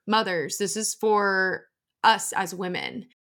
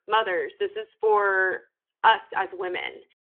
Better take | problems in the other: first | phone-call audio

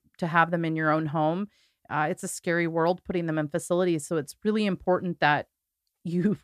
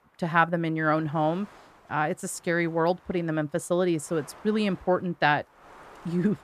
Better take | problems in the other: first | wind noise on the microphone; occasional gusts; 25 dB below the speech

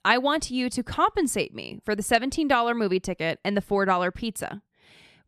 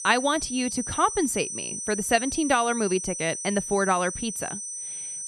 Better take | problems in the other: first | high-pitched whine; loud; throughout; 6 kHz, 6 dB below the speech

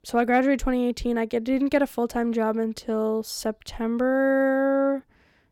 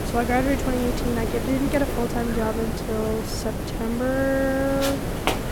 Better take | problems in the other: first | wind noise on the microphone; heavy; 4 dB below the speech

